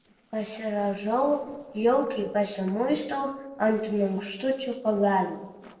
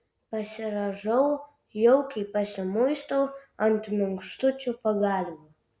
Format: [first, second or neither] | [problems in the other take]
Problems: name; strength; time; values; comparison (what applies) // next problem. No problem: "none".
second | noise reduction (neural separator model SepFormer DNS4)